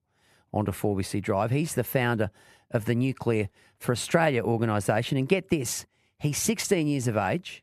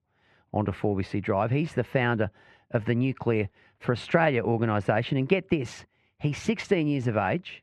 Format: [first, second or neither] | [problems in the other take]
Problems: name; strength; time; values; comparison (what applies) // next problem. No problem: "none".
first | muffled; slightly; fading above 2.5 kHz